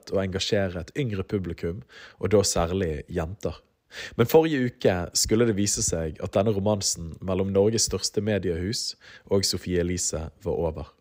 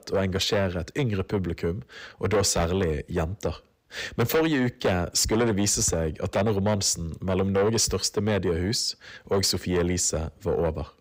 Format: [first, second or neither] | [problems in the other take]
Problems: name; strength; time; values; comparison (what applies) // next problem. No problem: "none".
first | distortion; heavy; 8 dB below the speech